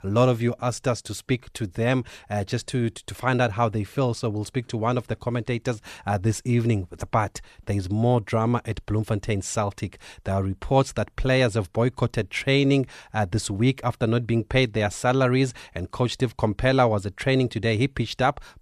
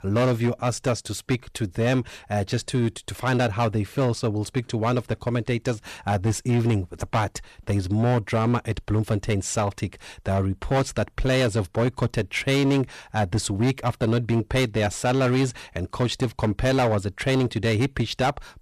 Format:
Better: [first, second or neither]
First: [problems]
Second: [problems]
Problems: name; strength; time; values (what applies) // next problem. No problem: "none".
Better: first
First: none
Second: distortion; slight; 11% of the sound clipped